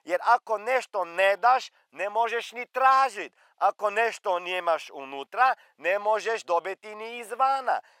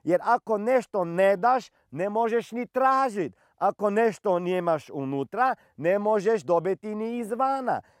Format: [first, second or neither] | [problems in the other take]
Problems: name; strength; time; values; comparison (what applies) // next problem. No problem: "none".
second | thin; very; fading below 800 Hz